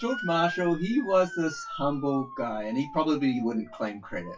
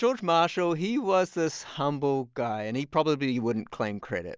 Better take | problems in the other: second | noise reduction (classical method WPE with log-MMSE)

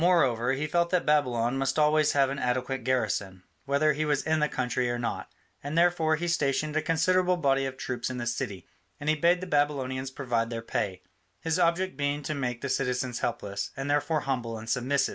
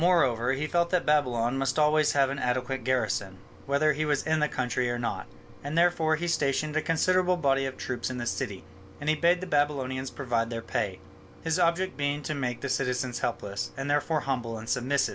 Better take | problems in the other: first | background sound (Mechanisms); 20 dB below the speech

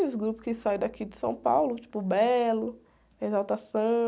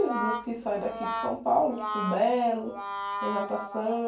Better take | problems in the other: first | background sound (Brass instrument); 6 dB below the speech // room echo; dies away in 0.3 s

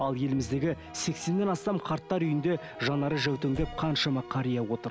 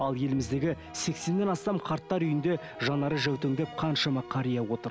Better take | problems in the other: second | background sound (Slam / Car); 13 dB below the speech

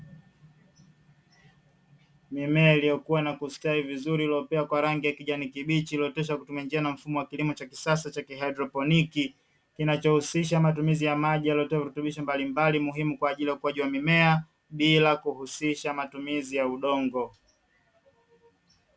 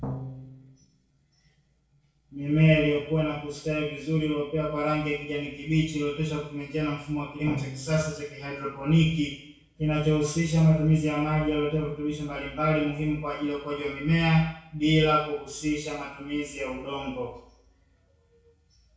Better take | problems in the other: first | noise reduction (neural separator model SepFormer DNS4)

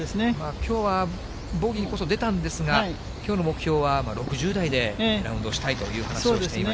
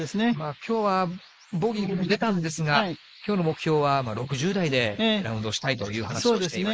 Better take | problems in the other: first | noise reduction (neural mask model Resemble Enhance denoiser)

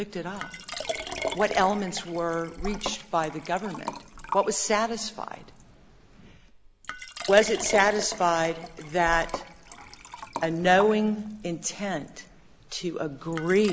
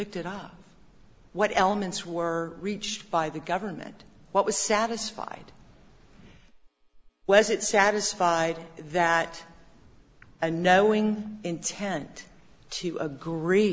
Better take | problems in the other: second | background sound (Liquid); 11 dB below the speech

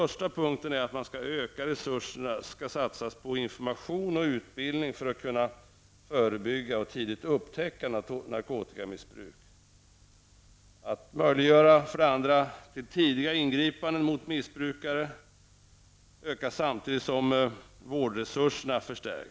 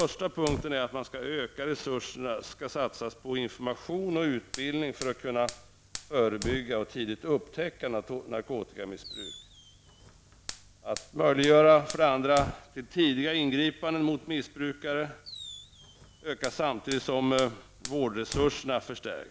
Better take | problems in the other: first | background sound (Fire + Fireworks); 16 dB below the speech

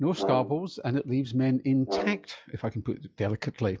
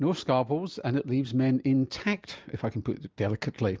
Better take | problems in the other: second | noise reduction (classical method log-MMSE)

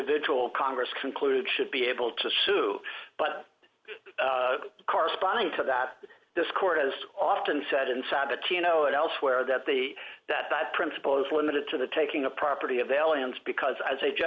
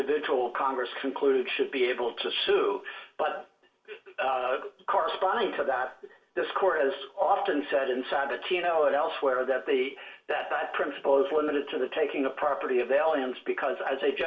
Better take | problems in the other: first | room echo; dies away in 0.2 s

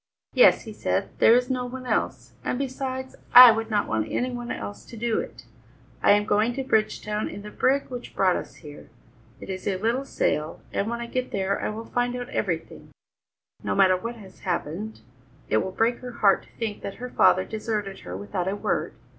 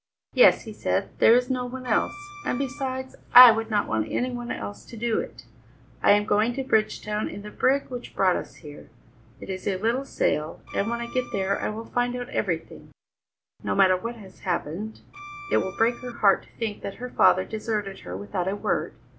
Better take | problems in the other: first | background sound (Bowed string instrument); 14 dB below the speech

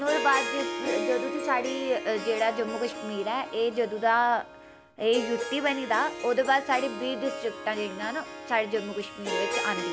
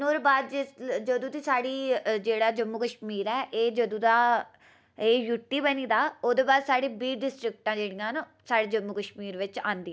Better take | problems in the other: second | background sound (Harp); 6 dB below the speech

